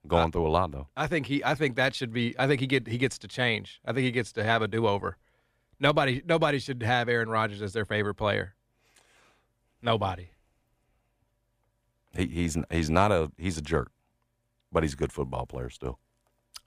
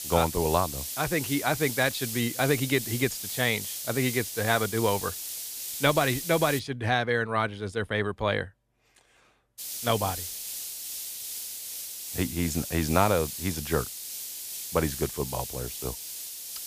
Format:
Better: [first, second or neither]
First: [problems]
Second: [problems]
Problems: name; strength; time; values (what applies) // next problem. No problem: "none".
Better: first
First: none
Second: hiss; loud; until 6.5 s and from 9.5 s on; 6 dB below the speech